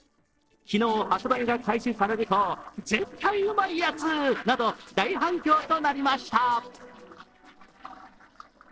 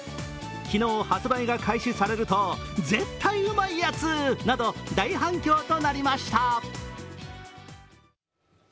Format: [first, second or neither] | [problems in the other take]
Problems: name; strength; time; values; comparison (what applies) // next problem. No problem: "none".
second | noise reduction (neural separator model SepFormer DNS4)